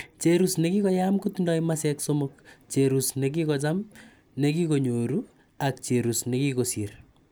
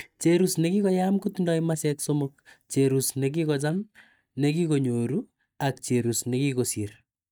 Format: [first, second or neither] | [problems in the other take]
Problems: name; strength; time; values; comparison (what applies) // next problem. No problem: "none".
first | noise reduction (neural mask model DeepFilterNet 3)